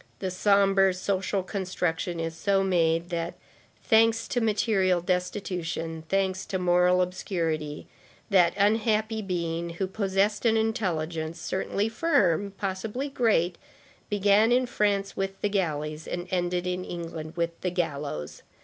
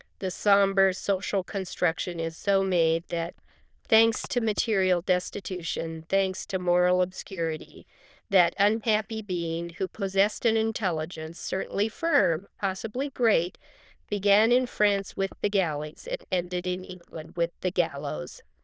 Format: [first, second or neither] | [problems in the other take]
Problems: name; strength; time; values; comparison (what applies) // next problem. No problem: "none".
first | noise reduction (neural diffusion model UNIVERSE++)